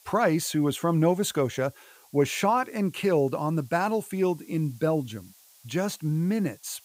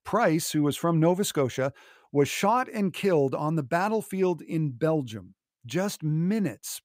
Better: second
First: hiss; faint; throughout; 25 dB below the speech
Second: none

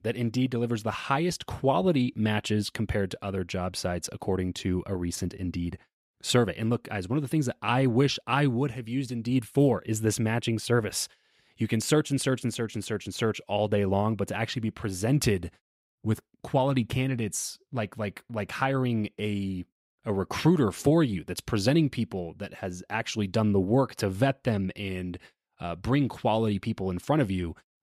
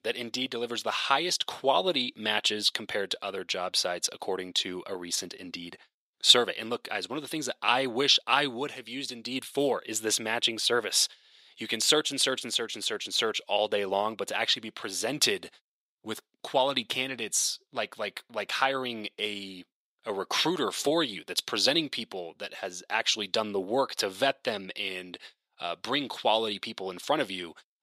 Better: first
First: none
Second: thin; somewhat; fading below 500 Hz

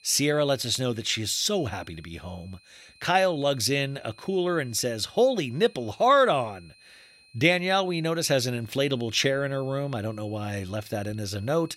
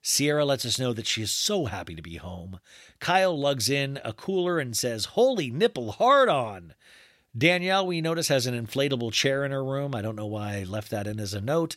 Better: second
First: high-pitched whine; faint; throughout; 2.5 kHz, 30 dB below the speech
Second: none

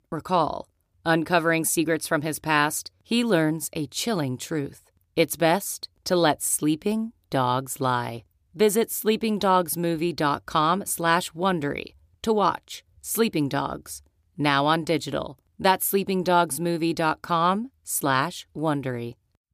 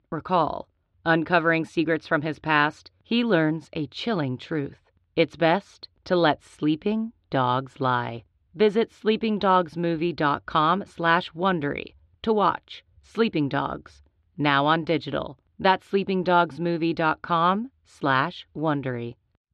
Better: first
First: none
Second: muffled; slightly; fading above 3.5 kHz

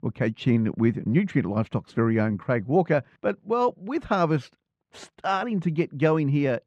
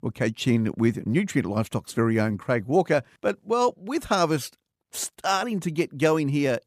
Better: second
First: muffled; slightly; fading above 2.5 kHz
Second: none

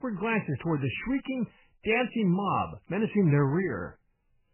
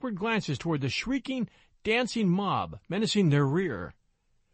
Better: second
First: garbled, watery; badly; nothing above 3 kHz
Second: garbled, watery; slightly; nothing above 8 kHz

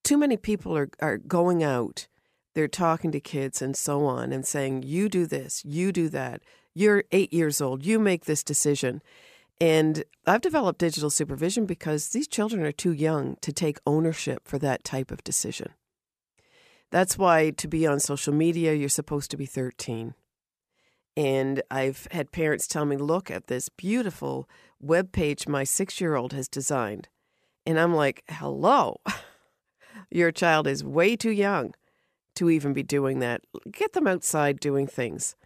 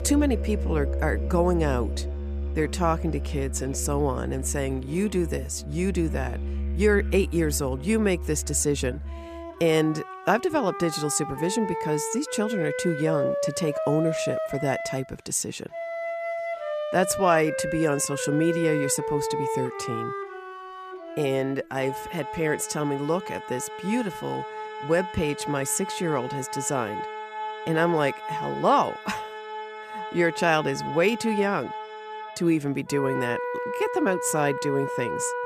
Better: first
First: none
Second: background music; loud; throughout; 6 dB below the speech

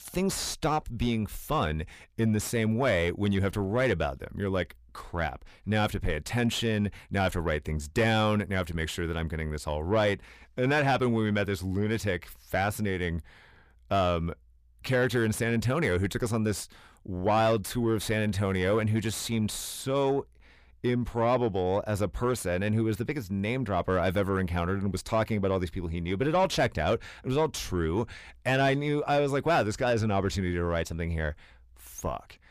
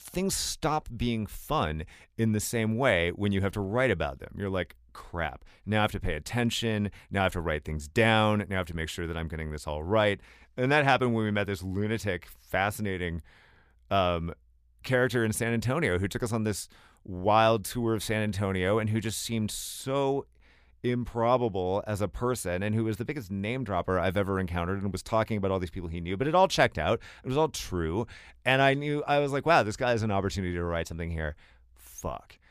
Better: second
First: distortion; slight; 10 dB below the speech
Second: none

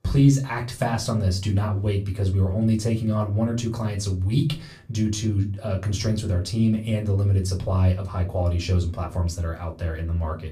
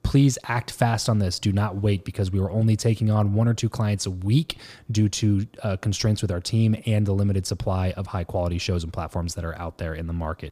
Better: second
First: off-mic speech; somewhat distant // room echo; very slight; dies away in 0.3 s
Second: none

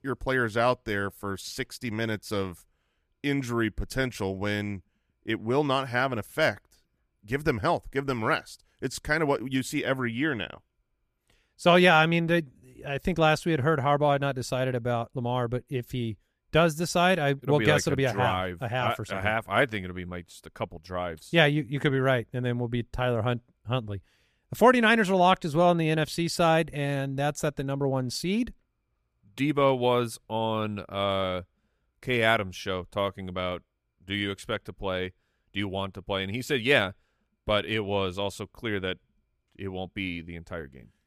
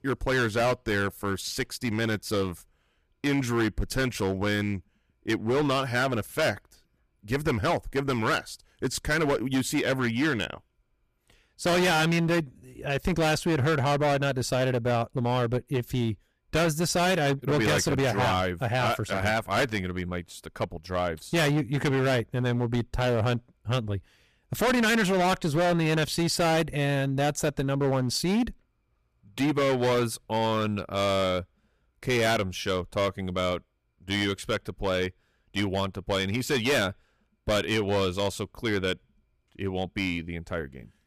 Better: first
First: none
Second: distortion; heavy; 13% of the sound clipped

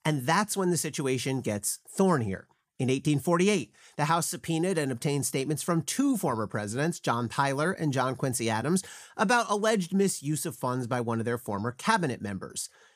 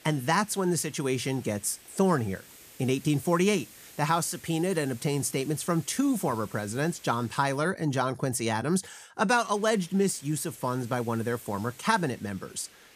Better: first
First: none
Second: hiss; faint; until 7.5 s and from 9.5 s on; 20 dB below the speech

